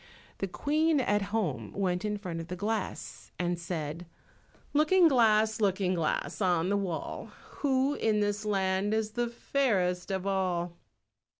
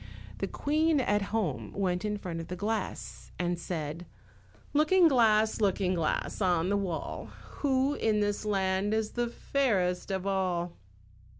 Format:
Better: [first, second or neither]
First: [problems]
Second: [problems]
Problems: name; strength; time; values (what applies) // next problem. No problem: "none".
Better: first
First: none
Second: background sound (Bass guitar); 16 dB below the speech